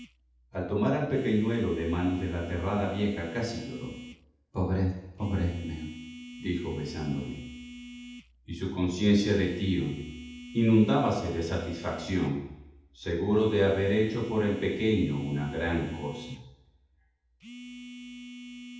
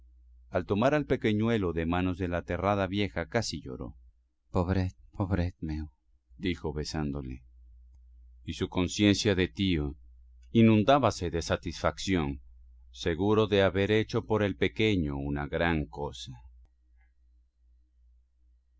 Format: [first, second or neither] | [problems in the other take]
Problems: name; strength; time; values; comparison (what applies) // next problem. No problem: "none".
second | background sound (Telephone); 15 dB below the speech // room echo; dies away in 0.8 s